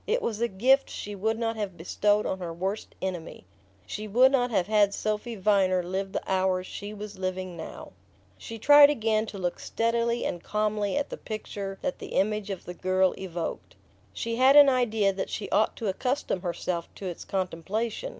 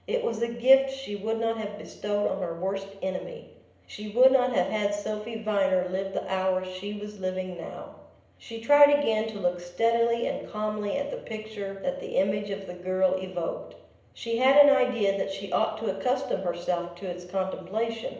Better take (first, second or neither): first